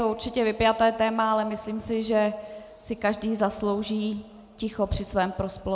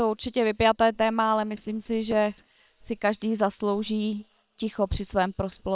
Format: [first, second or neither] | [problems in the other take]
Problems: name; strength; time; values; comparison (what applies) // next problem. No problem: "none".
first | noise reduction (neural separator model SepFormer WHAM!)